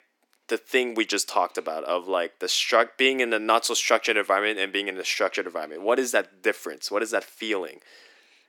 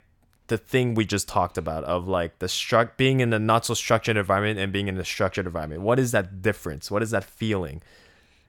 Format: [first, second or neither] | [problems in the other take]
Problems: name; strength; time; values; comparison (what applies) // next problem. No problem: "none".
second | thin; somewhat; fading below 300 Hz